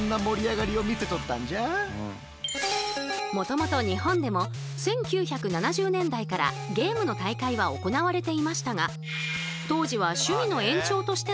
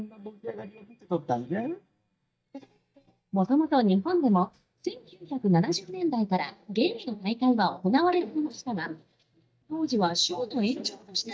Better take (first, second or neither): first